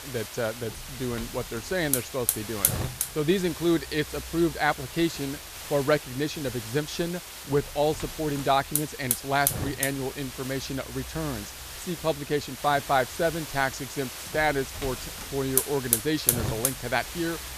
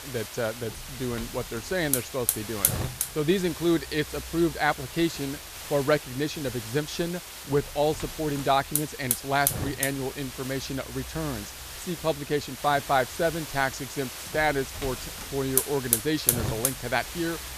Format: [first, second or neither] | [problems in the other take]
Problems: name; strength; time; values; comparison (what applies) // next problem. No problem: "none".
neither | hiss; loud; throughout; 3 dB below the speech; the same in both